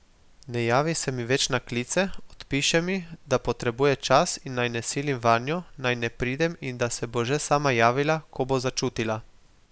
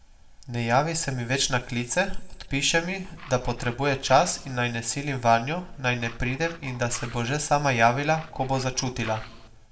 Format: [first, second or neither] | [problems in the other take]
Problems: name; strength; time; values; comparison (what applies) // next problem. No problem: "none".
first | background sound (Tools); 19 dB below the speech // room echo; dies away in 0.4 s